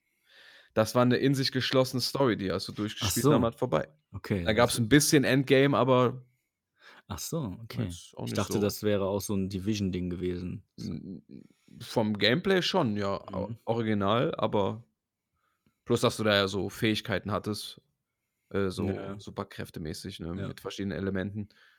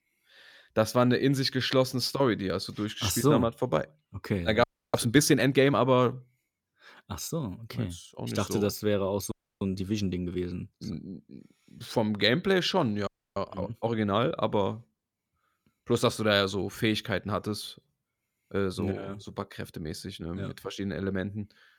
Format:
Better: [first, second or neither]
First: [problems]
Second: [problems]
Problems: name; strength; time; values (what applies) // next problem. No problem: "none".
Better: first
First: none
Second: audio freezing; at 4.5 s, at 9.5 s and at 13 s